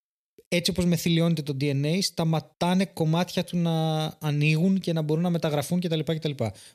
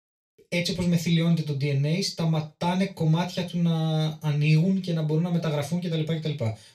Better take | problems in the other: first | room echo; slight; dies away in 0.2 s // off-mic speech; far

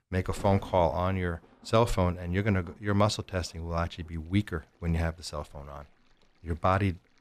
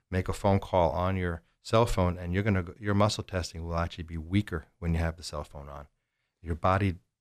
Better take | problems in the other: second | rain or running water; faint; throughout; 20 dB below the speech

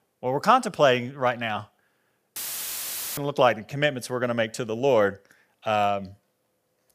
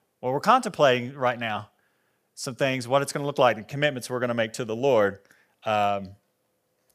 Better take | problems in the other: second | audio cutting out; filled with static; at 2.5 s for 1 s

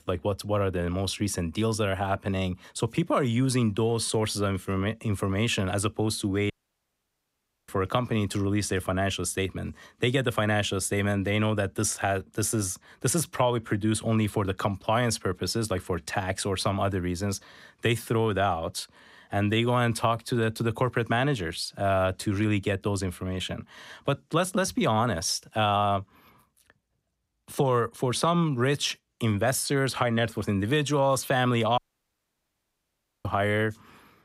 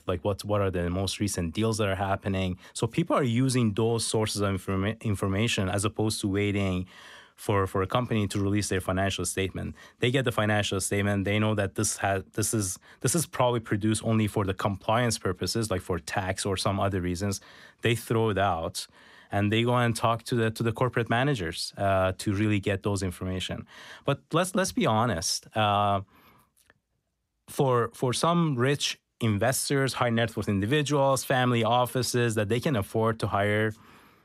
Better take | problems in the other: second | audio cutting out; at 6.5 s for 1 s and at 32 s for 1.5 s

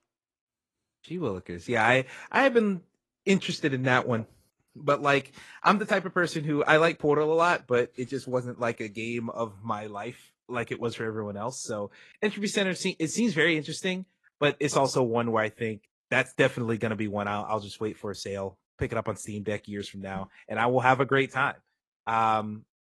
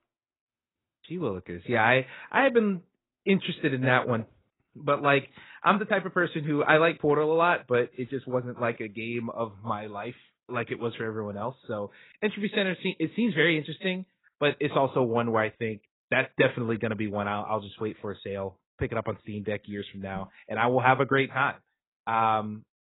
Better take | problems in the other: first | garbled, watery; badly; nothing above 4 kHz; slightly in the first

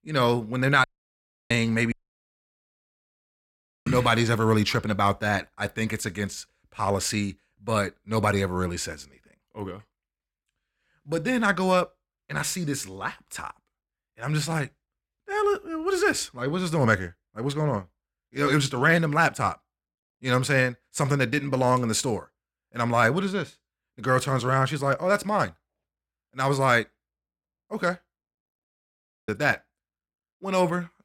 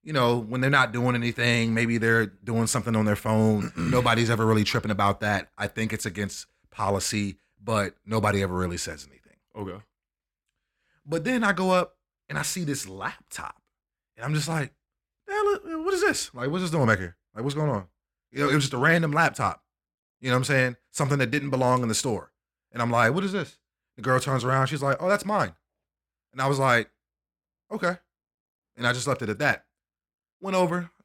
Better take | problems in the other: second | audio cutting out; at 1 s for 0.5 s, at 2 s for 2 s and at 29 s for 0.5 s

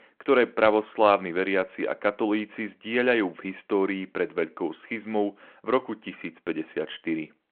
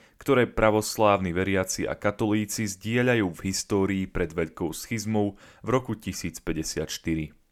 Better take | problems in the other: second | phone-call audio

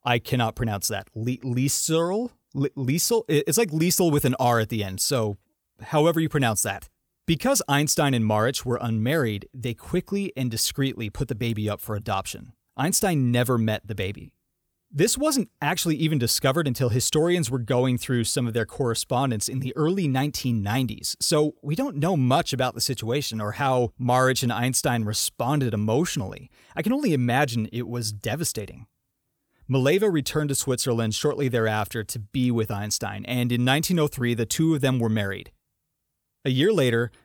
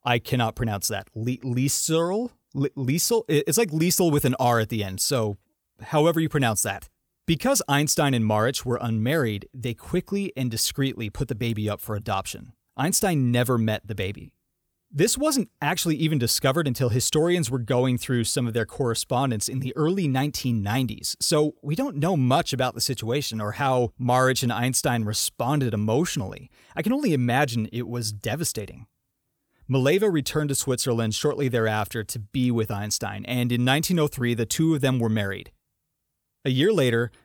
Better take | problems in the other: neither | none

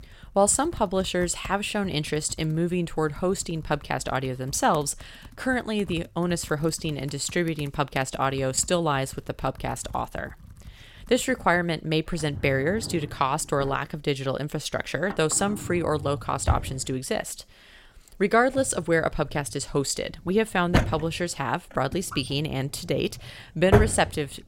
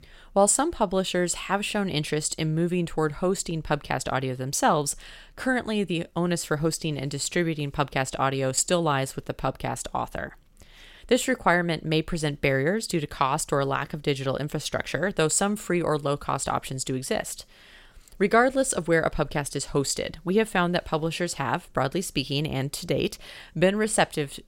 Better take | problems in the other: second | household noises; loud; throughout; 8 dB below the speech

